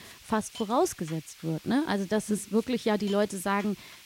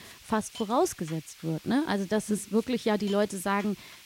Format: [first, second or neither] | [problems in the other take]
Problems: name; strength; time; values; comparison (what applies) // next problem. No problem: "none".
neither | hiss; noticeable; throughout; 20 dB below the speech; the same in both